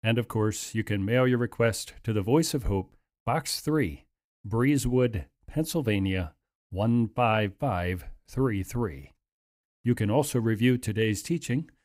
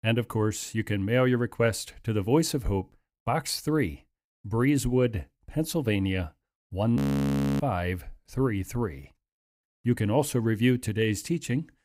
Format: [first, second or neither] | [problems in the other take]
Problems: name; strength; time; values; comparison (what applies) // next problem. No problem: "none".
first | audio freezing; at 7 s for 0.5 s